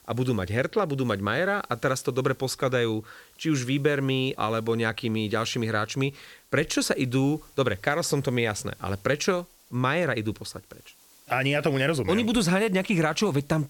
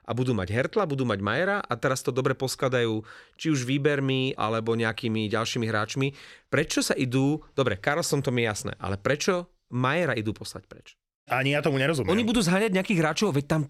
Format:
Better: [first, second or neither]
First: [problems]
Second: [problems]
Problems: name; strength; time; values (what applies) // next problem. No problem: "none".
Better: second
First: hiss; faint; throughout; 30 dB below the speech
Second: none